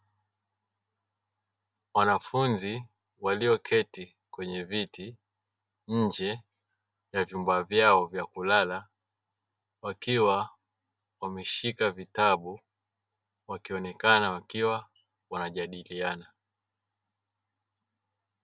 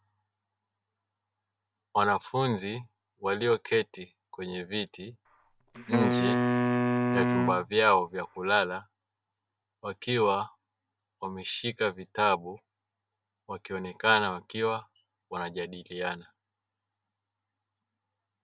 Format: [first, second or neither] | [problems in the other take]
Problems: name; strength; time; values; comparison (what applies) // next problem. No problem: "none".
first | background sound (Wind instrument, woodwind instrument); 3 dB above the speech